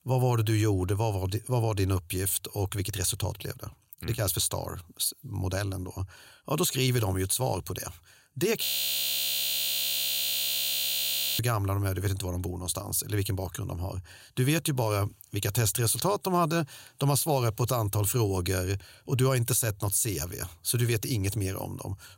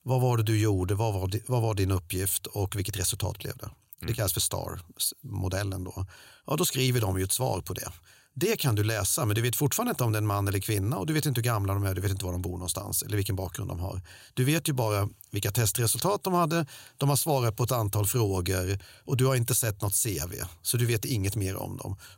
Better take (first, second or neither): second